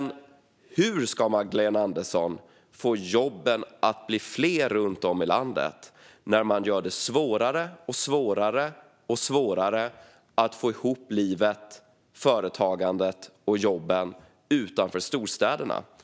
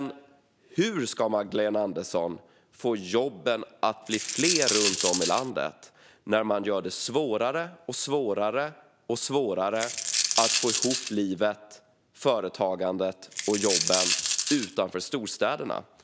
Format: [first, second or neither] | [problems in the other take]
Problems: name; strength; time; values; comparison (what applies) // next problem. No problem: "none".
first | background sound (Coin (dropping)); 1 dB above the speech